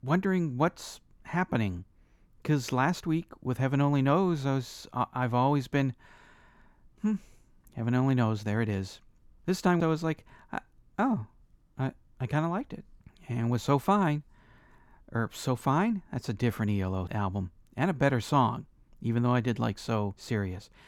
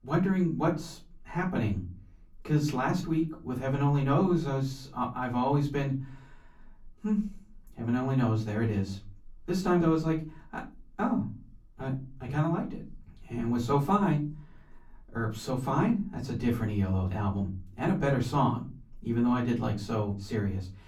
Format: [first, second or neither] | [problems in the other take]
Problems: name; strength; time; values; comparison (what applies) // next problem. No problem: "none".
first | off-mic speech; far // room echo; very slight; dies away in 0.4 s